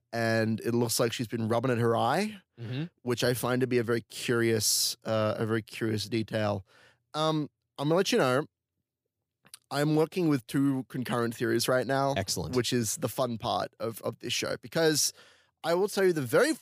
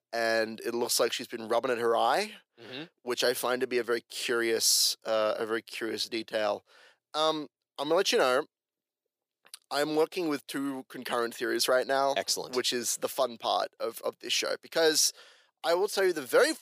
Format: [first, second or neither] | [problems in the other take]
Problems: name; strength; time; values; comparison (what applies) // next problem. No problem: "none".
first | thin; somewhat; fading below 450 Hz